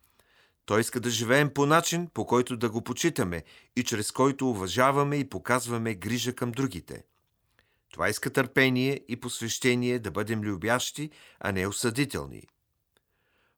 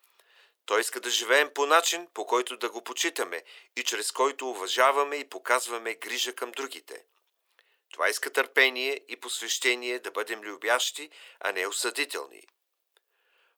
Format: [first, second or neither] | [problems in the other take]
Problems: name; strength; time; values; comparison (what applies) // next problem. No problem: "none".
first | thin; very; fading below 400 Hz